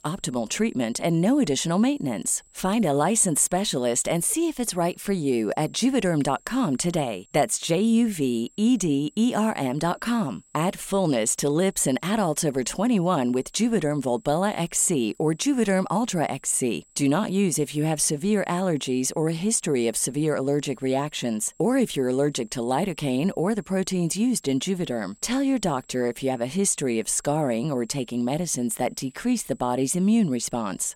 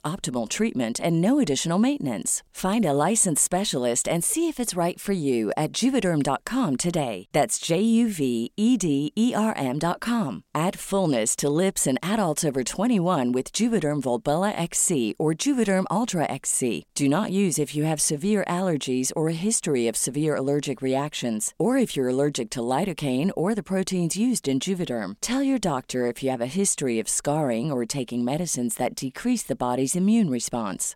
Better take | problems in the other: second | high-pitched whine; faint; throughout; 7.5 kHz, 30 dB below the speech

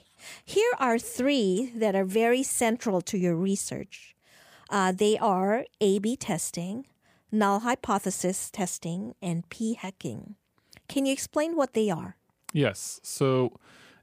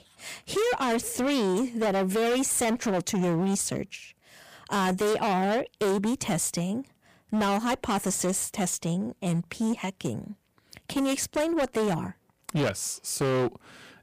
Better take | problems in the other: first | distortion; heavy; 19% of the sound clipped

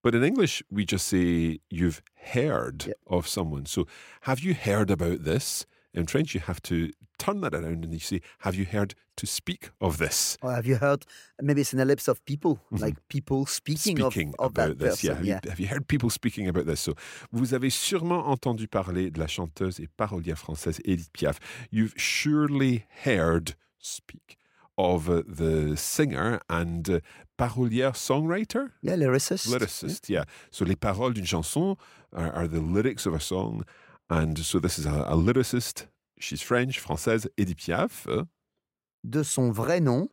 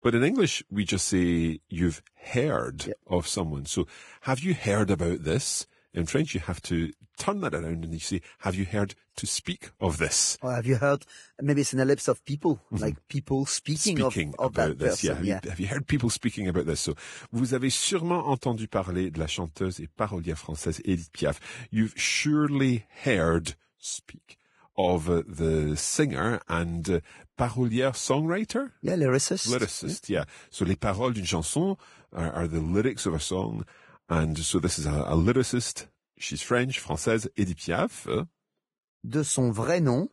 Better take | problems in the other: first | garbled, watery; badly; nothing above 10.5 kHz

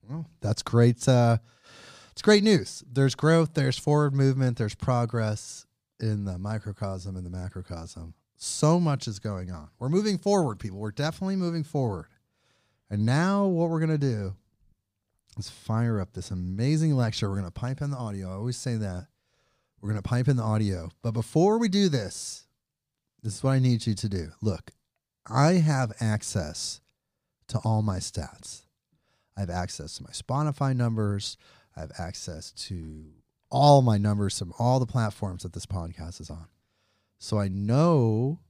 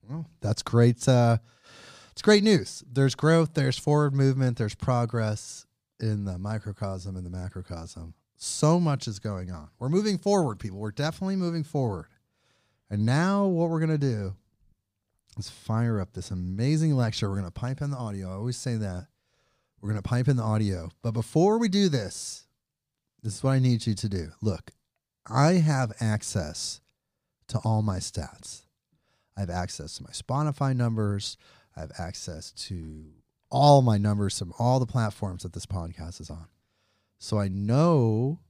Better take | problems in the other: neither | none

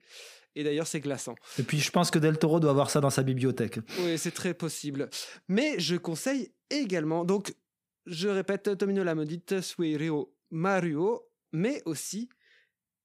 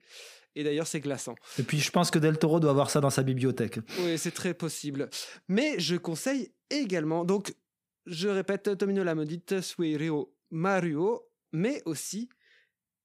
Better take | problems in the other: neither | none

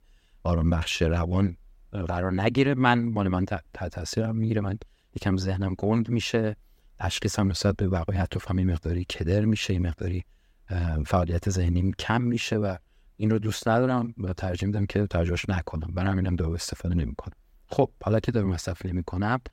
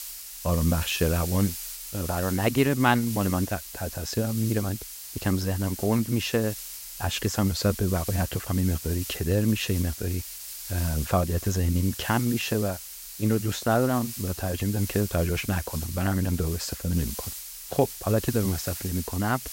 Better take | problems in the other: first | hiss; loud; throughout; 9 dB below the speech

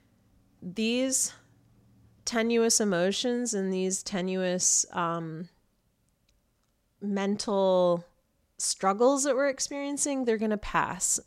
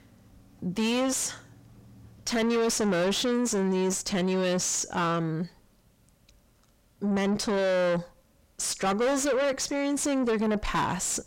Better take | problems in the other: first | distortion; heavy; 6 dB below the speech

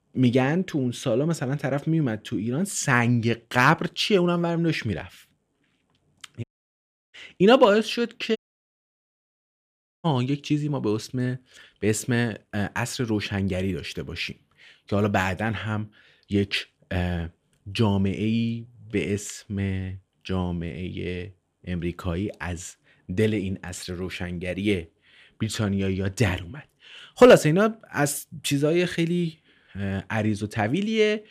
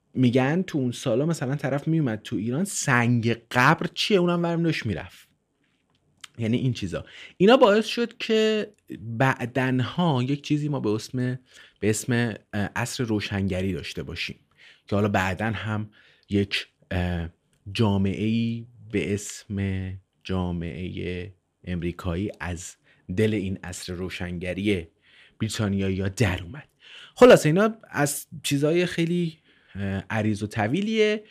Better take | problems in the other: second | audio cutting out; at 6.5 s for 0.5 s and at 8.5 s for 1.5 s

